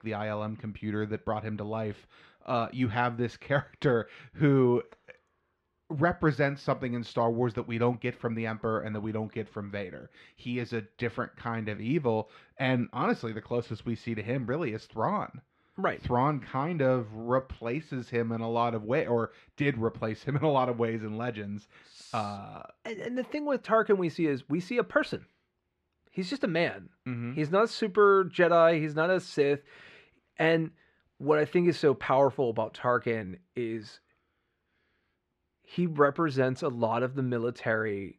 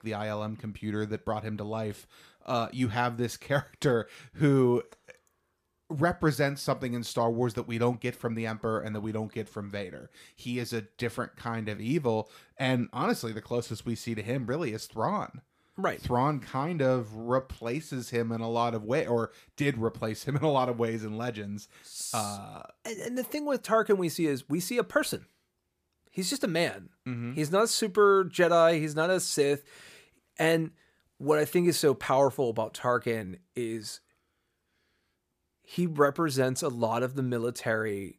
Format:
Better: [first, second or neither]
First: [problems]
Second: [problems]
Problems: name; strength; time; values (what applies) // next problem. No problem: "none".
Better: second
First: muffled; slightly; fading above 2.5 kHz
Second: none